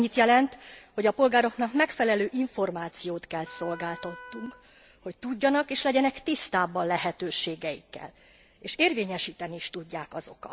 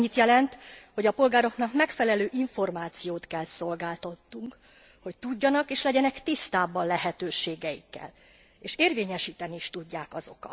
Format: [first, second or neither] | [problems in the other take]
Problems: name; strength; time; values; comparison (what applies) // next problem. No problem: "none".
second | background sound (Wind instrument, woodwind instrument); 19 dB below the speech